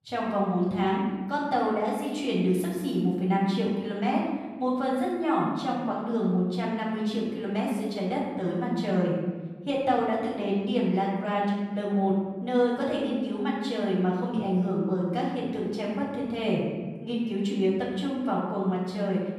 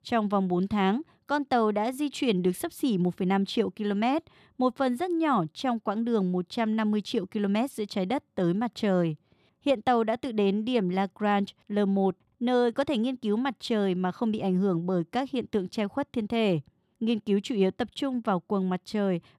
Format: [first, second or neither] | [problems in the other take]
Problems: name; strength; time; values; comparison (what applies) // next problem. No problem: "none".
second | off-mic speech; far // room echo; noticeable; dies away in 1.1 s